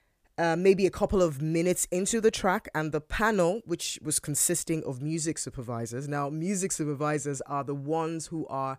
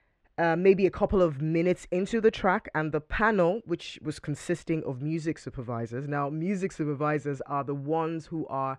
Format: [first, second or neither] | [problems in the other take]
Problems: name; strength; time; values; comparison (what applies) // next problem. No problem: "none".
first | muffled; very; fading above 2.5 kHz